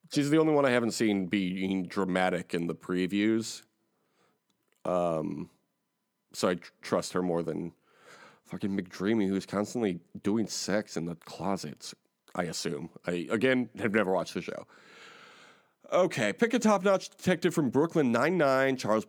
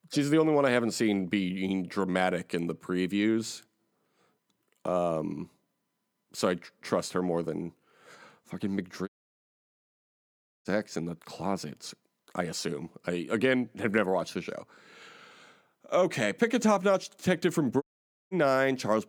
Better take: first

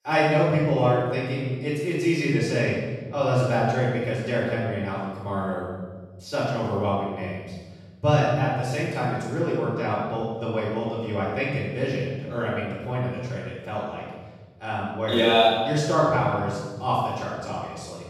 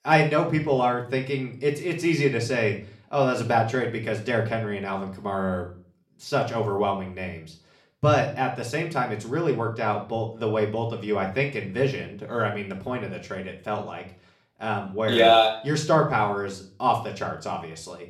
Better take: second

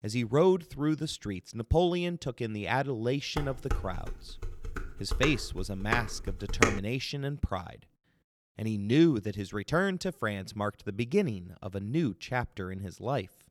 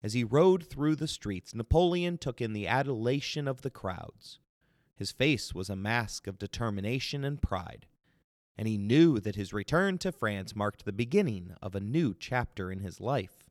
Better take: second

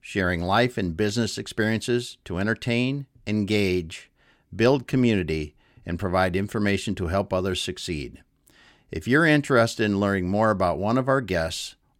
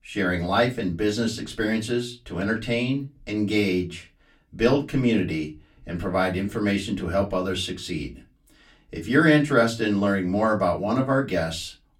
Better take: first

